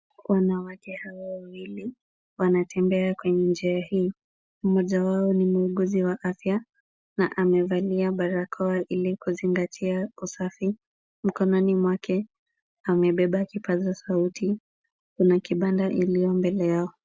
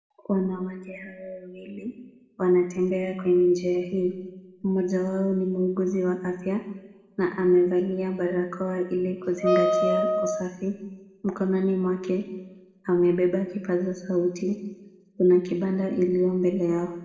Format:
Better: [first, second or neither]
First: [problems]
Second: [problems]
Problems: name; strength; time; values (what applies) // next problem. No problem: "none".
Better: first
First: none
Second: background sound (Wind instrument, woodwind instrument); 1 dB above the speech // room echo; dies away in 1 s